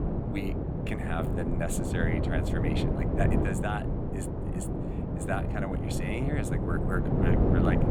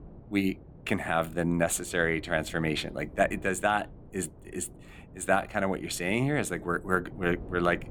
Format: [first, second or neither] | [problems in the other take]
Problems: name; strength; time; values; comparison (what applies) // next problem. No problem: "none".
second | wind noise on the microphone; heavy; 1 dB above the speech; occasional gusts in the second